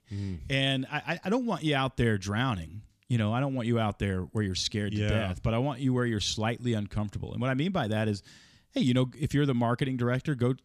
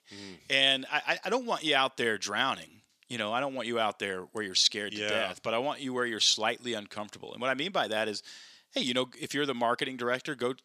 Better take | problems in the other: first | thin; somewhat; fading below 450 Hz

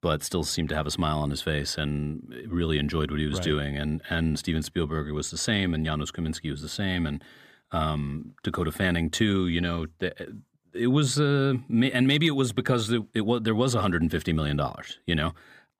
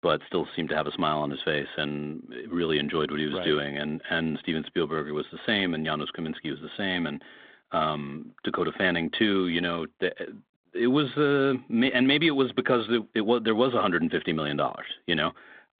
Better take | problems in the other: first | phone-call audio

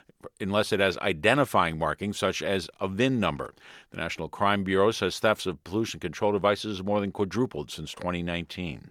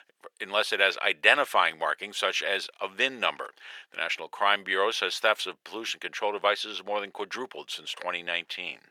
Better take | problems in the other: first | thin; very; fading below 650 Hz

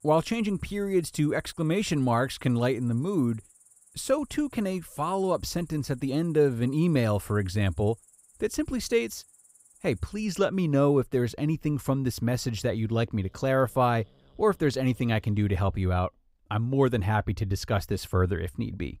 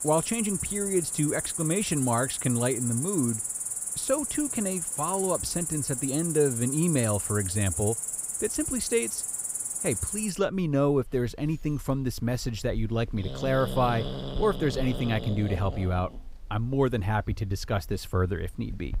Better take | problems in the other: first | animal sounds; loud; throughout; 2 dB below the speech; faint in the first

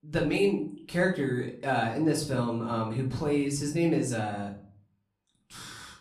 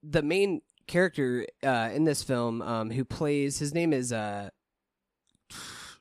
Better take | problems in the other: second | off-mic speech; far // room echo; slight; dies away in 0.4 s

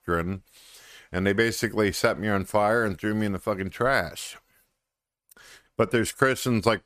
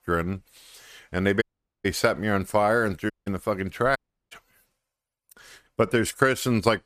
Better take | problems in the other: first | audio cutting out; at 1.5 s, at 3 s and at 4 s

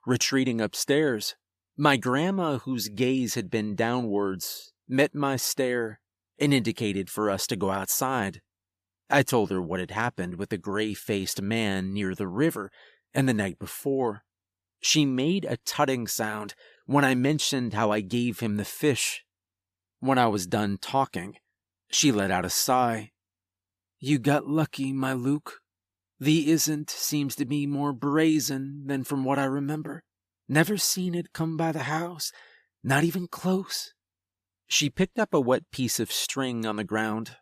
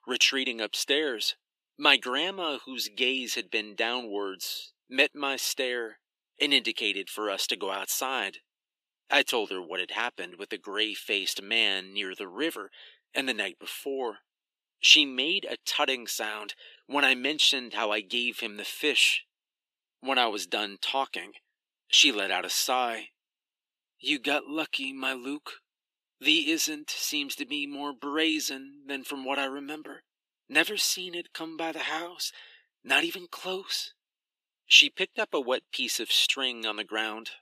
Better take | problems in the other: first | thin; somewhat; fading below 300 Hz

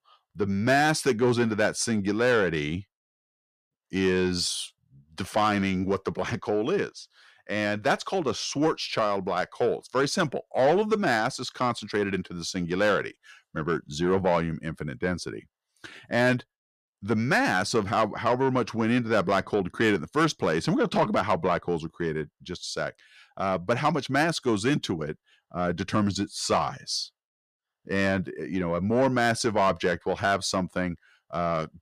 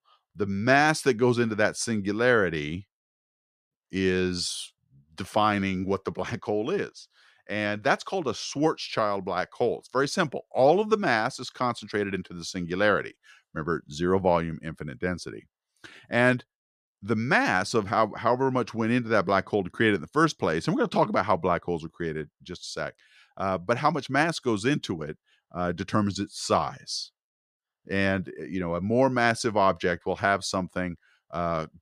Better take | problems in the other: second | distortion; slight; 10 dB below the speech

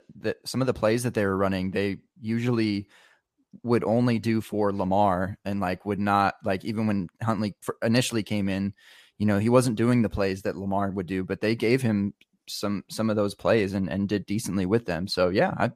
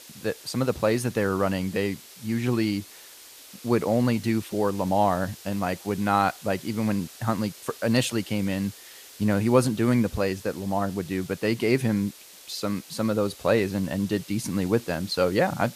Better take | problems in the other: first | hiss; noticeable; throughout; 20 dB below the speech

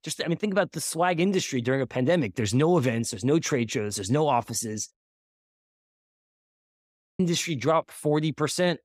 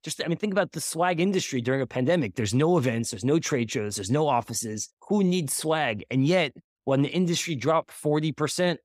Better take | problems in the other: second | audio cutting out; at 5 s for 2 s

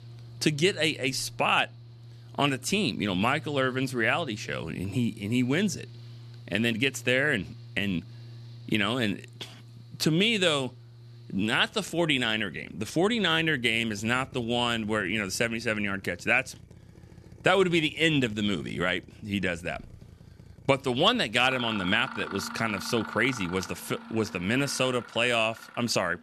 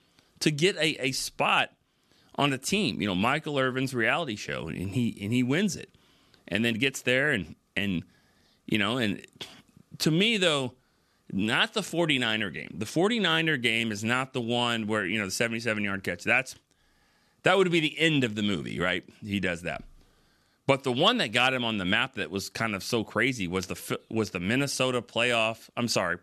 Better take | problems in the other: second | machinery noise; noticeable; throughout; 20 dB below the speech

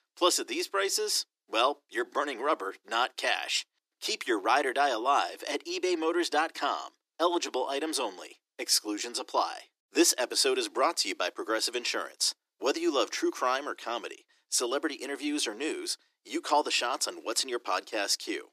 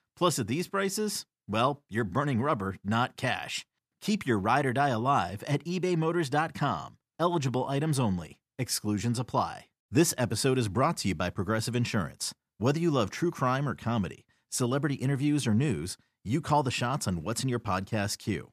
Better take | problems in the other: second | thin; very; fading below 300 Hz

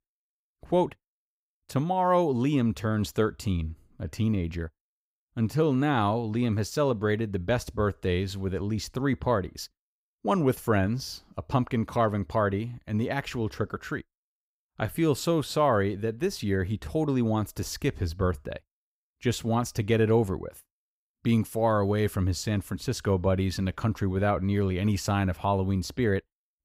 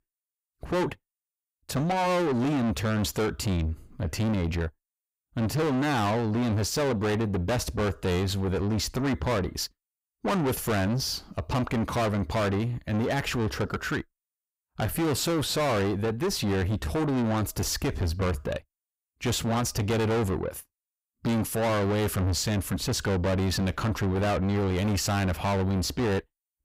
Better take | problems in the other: first | distortion; heavy; 6 dB below the speech

